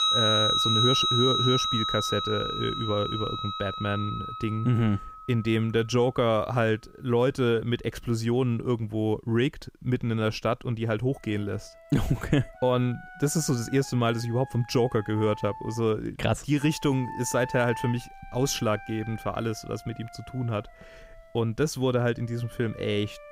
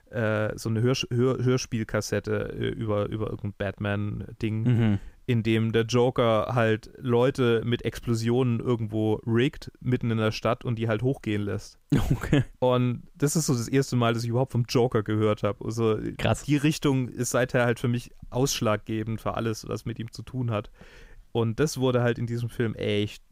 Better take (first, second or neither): second